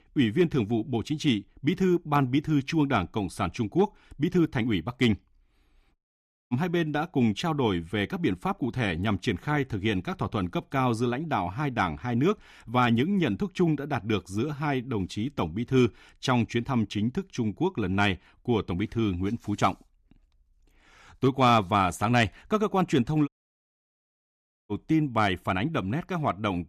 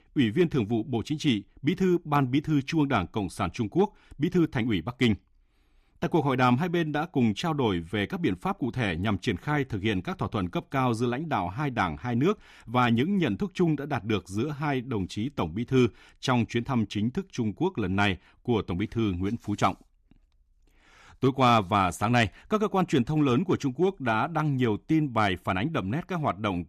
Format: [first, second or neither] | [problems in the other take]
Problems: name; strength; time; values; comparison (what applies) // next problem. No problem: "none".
second | audio cutting out; at 6 s for 0.5 s and at 23 s for 1.5 s